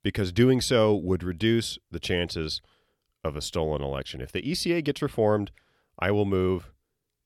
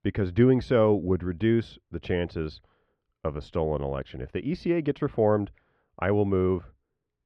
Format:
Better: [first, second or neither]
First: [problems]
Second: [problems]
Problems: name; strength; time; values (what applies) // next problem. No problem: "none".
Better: first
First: none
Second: muffled; very; fading above 1.5 kHz